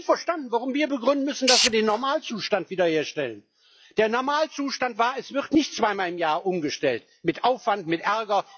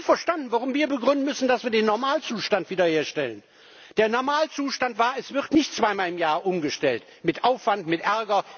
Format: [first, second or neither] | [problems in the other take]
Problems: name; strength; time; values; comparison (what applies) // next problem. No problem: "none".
second | noise reduction (classical method log-MMSE)